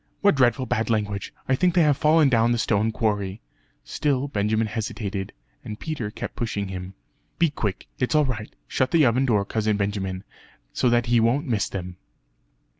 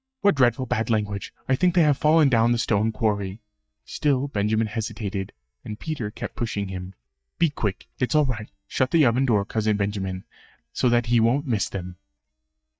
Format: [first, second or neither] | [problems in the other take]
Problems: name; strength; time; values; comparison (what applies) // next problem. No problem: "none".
first | noise reduction (neural mask model DeepFilterNet 3)